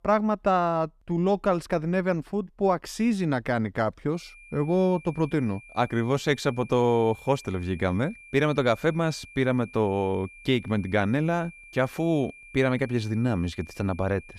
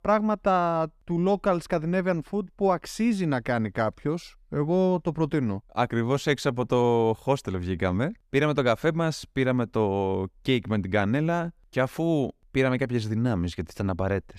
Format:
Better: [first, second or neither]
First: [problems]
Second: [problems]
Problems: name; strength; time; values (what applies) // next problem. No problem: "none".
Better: second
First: high-pitched whine; faint; from 4 s on; 2.5 kHz, 20 dB below the speech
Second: none